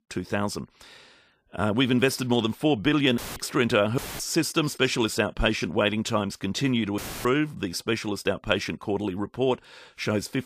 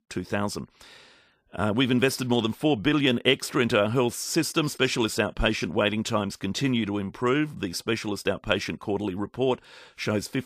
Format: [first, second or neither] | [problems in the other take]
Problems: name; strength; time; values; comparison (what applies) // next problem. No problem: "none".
second | audio cutting out; filled with static; at 3 s, at 4 s and at 7 s